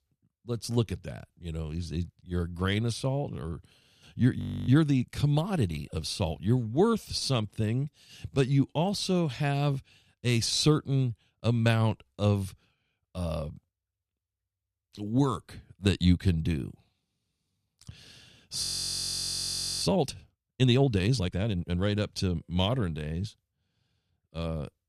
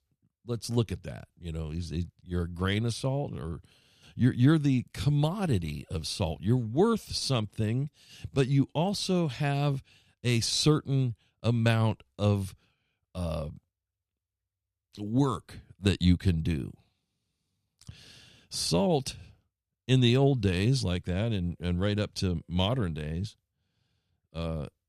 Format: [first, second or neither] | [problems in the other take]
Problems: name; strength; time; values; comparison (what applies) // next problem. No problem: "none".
second | audio freezing; at 4.5 s and at 19 s for 1 s